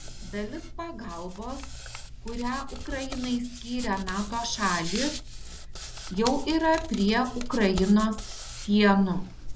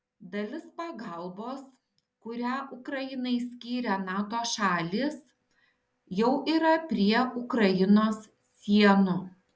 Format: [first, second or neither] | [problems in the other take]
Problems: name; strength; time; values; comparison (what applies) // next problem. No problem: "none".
second | background sound (Hands); 8 dB below the speech